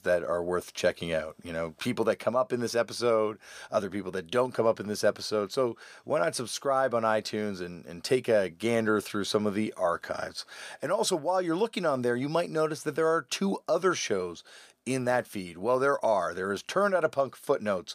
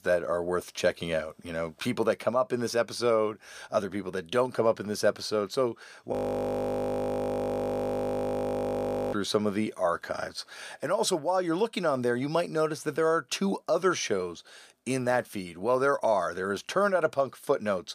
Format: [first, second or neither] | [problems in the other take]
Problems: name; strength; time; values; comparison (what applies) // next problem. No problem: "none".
first | audio freezing; at 6 s for 3 s